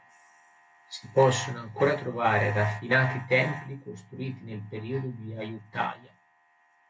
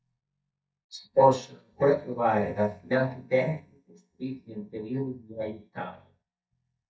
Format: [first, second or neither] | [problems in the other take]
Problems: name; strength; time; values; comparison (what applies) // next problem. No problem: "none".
first | noise reduction (neural mask model DeepFilterNet 3)